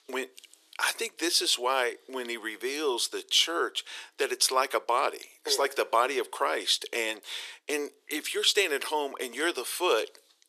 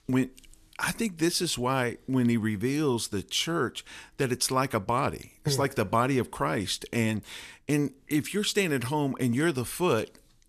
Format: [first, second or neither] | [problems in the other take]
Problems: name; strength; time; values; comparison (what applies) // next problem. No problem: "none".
second | thin; very; fading below 400 Hz